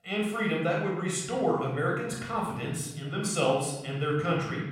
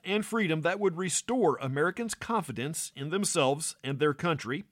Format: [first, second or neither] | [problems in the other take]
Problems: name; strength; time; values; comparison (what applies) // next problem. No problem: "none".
second | off-mic speech; somewhat distant // room echo; noticeable; dies away in 1 s